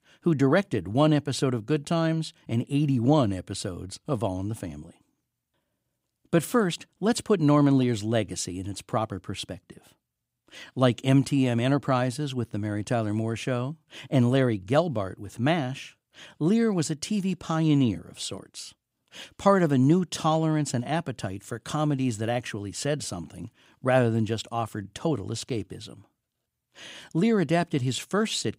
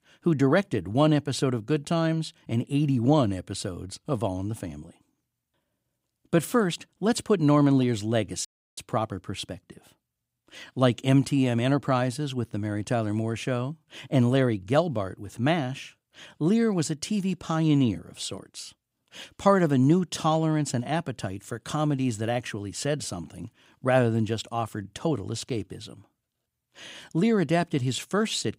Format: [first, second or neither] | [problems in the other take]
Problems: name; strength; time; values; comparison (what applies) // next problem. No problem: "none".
first | audio cutting out; at 8.5 s